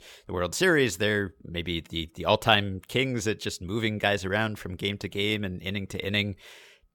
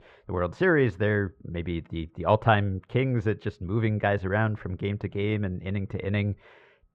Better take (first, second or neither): first